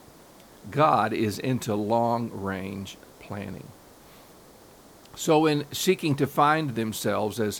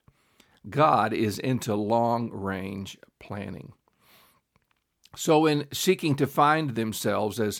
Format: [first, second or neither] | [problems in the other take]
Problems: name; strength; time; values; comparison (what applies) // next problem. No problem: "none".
second | hiss; faint; throughout; 25 dB below the speech